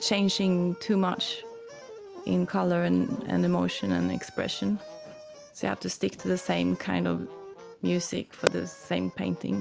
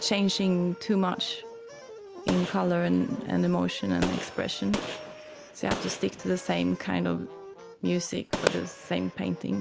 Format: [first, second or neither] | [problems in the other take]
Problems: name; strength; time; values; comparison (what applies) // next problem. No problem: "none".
first | background sound (Gunshot, gunfire); 11 dB below the speech